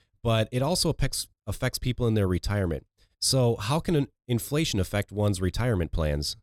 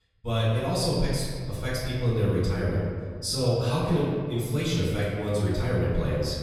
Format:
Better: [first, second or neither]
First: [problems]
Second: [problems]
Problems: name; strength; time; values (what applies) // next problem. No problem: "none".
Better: first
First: none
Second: room echo; strong; dies away in 1.8 s // off-mic speech; far